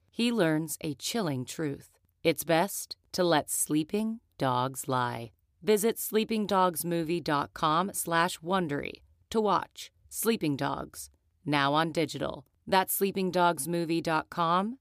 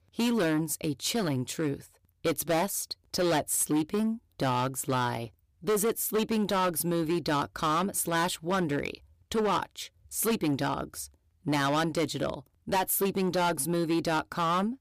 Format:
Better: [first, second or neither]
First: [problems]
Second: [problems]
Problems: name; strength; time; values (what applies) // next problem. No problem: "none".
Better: first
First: none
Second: distortion; heavy; 11% of the sound clipped